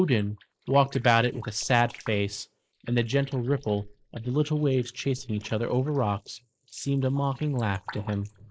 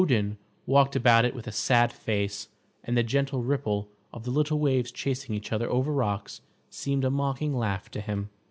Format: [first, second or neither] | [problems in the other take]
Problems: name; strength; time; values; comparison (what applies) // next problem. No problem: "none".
second | noise reduction (neural mask model Resemble Enhance denoiser)